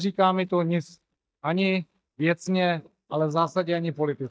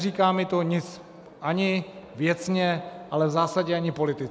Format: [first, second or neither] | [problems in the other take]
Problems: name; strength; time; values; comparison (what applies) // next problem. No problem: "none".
second | noise reduction (neural mask model DeepFilterNet 3)